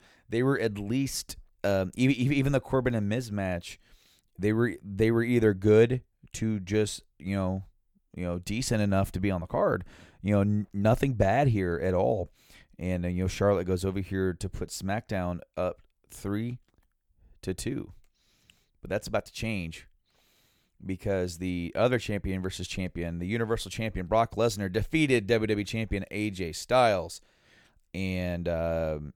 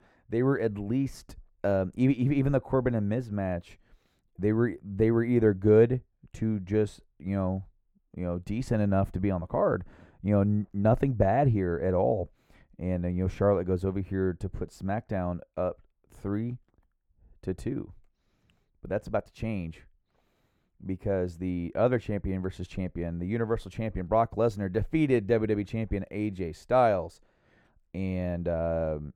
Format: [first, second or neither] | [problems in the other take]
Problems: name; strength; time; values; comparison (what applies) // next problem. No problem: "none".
first | muffled; very; fading above 2 kHz